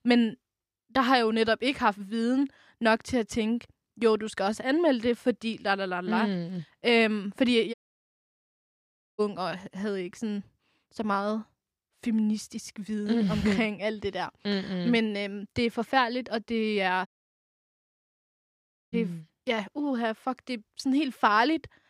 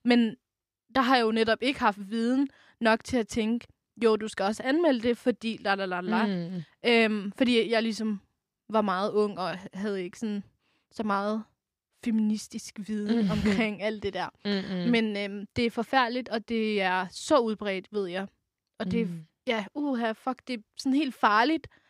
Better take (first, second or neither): second